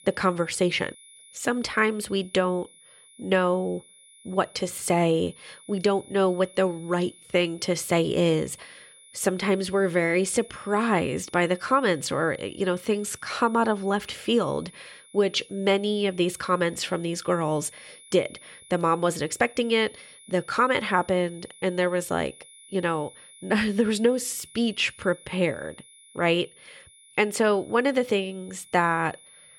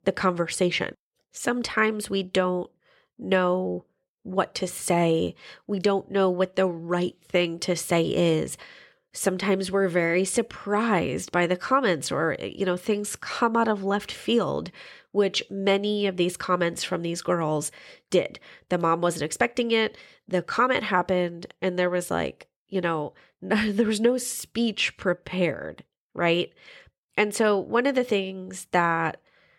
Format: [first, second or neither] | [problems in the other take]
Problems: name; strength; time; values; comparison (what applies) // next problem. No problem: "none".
second | high-pitched whine; faint; throughout; 10.5 kHz, 25 dB below the speech